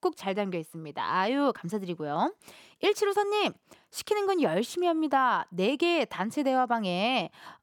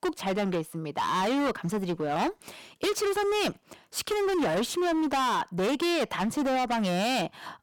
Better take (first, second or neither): first